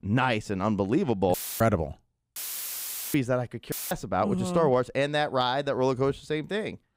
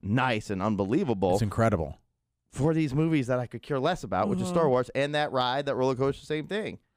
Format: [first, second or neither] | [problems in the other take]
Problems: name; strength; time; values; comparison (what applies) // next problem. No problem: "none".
second | audio cutting out; filled with static; at 1.5 s, at 2.5 s for 1 s and at 3.5 s